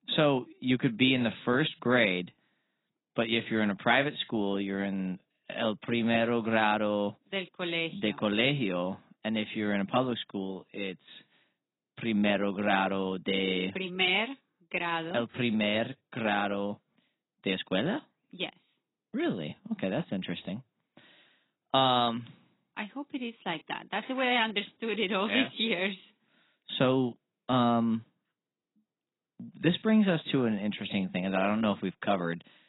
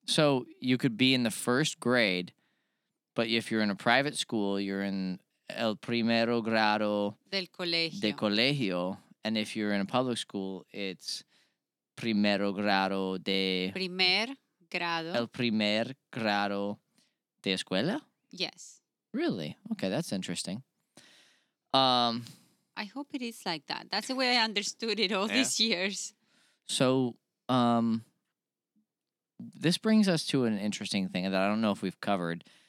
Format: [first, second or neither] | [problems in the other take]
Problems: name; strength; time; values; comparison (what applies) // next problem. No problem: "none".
second | garbled, watery; badly; nothing above 4 kHz